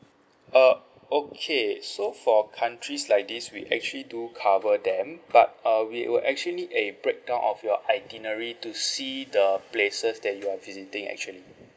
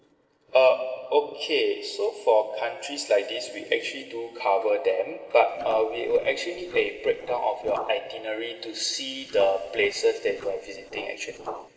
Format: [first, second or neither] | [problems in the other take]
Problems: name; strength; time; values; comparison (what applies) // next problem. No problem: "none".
first | noise reduction (neural separator model SepFormer DNS4)